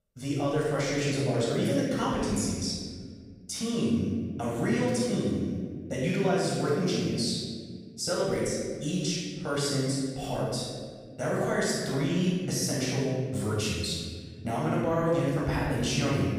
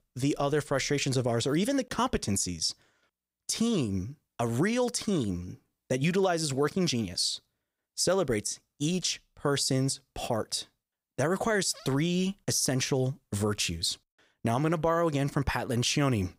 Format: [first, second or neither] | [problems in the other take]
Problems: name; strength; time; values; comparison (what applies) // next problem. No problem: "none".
second | off-mic speech; far // room echo; strong; dies away in 1.8 s